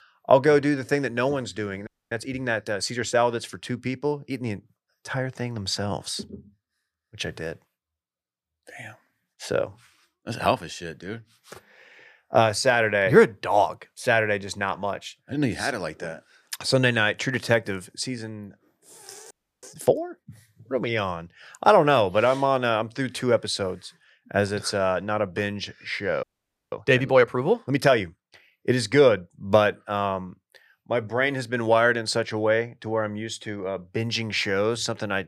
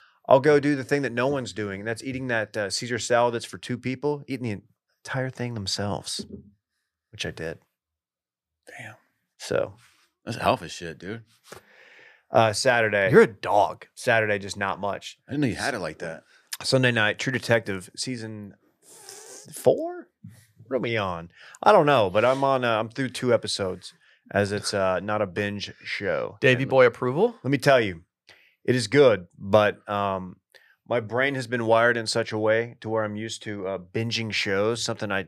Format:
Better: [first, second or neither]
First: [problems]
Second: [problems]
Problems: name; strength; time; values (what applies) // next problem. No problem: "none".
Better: second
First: audio freezing; at 2 s, at 19 s and at 26 s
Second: none